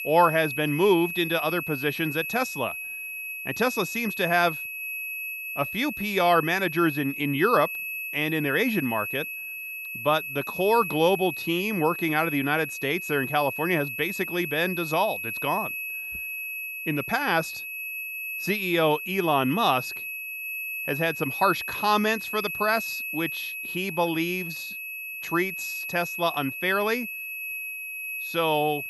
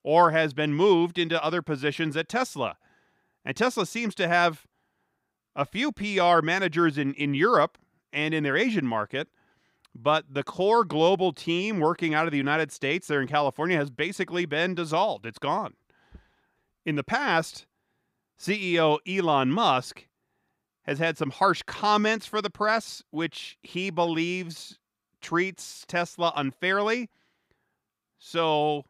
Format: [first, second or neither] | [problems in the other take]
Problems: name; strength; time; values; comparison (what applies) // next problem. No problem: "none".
second | high-pitched whine; loud; throughout; 2.5 kHz, 6 dB below the speech